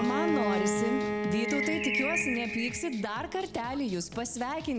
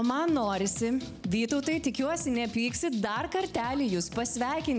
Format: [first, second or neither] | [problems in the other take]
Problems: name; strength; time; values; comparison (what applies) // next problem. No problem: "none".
second | background sound (Bowed string instrument + Bird); 1 dB below the speech